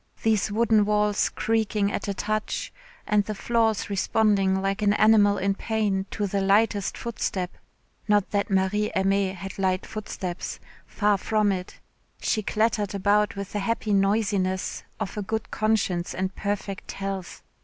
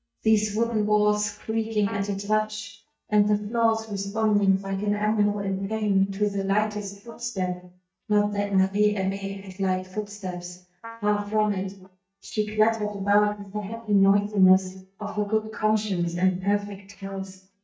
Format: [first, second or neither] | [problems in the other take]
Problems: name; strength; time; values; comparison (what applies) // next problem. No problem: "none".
first | noise reduction (neural mask model DeepFilterNet 3)